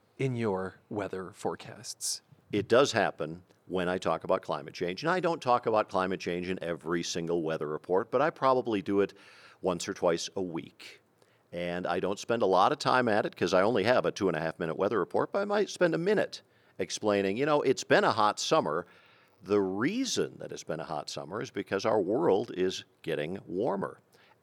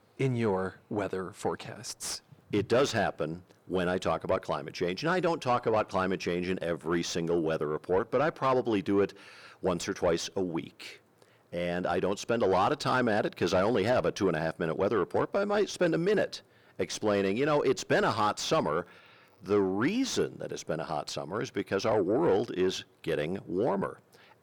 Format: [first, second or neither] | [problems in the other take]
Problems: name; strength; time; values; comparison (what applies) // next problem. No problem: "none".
first | distortion; slight; 10 dB below the speech